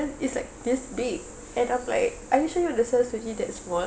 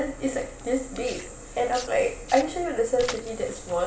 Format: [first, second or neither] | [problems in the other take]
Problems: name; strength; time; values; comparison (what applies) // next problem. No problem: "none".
first | background sound (Tearing); 16 dB below the speech // room echo; dies away in 0.6 s